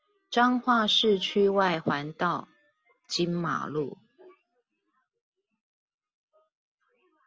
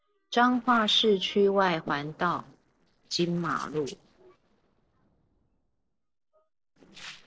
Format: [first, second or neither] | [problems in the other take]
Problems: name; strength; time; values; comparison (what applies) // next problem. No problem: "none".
first | noise reduction (neural separator model SepFormer DNS4)